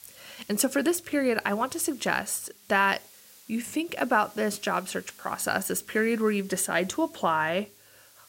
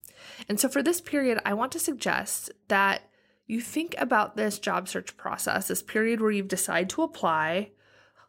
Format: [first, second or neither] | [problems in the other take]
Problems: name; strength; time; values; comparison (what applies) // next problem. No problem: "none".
second | hiss; faint; throughout; 25 dB below the speech